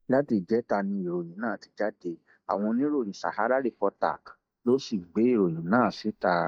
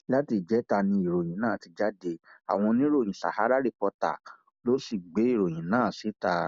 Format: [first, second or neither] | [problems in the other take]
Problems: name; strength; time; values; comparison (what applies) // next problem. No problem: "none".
second | noise reduction (neural mask model DeepFilterNet 3)